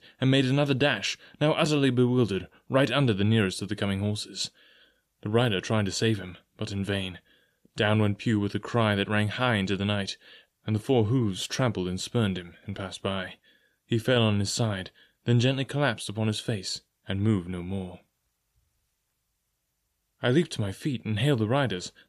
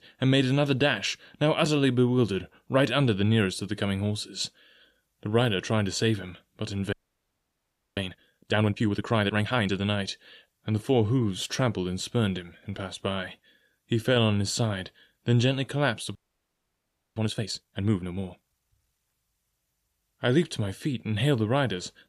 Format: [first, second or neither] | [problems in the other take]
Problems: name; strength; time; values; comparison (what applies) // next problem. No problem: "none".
first | audio freezing; at 7 s for 1 s and at 16 s for 1 s